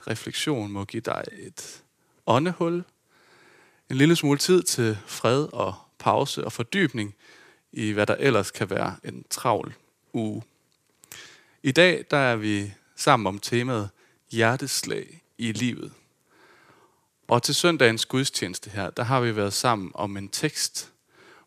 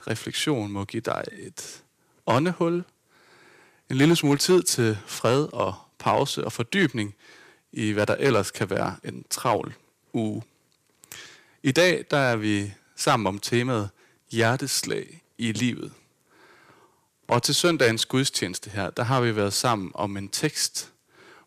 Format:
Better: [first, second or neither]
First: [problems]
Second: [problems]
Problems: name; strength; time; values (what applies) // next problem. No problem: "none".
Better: first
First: none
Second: distortion; slight; 1.3% of the sound clipped